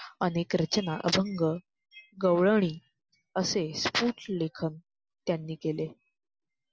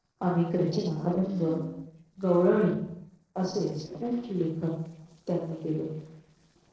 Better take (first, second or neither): first